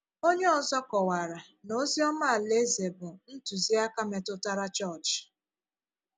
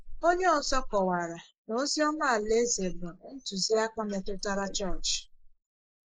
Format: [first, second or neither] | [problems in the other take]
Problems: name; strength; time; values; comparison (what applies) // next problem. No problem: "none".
first | noise reduction (neural mask model Resemble Enhance denoiser)